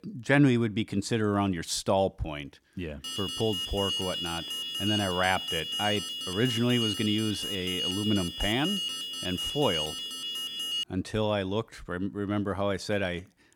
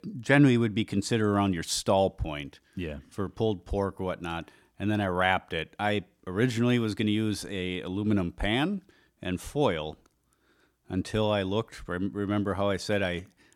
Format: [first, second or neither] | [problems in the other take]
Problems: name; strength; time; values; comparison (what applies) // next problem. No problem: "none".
second | alarm; loud; from 3 to 11 s; peak level with the speech